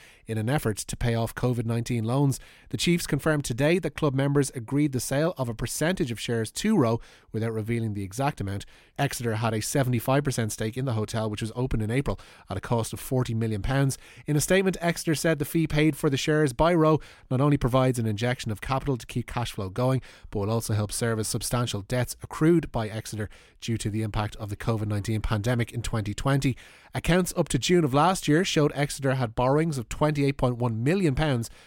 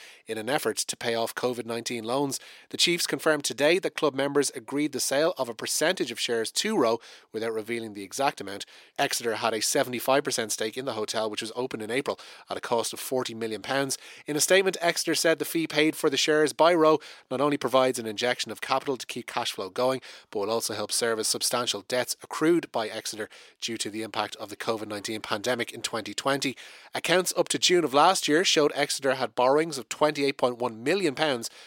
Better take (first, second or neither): first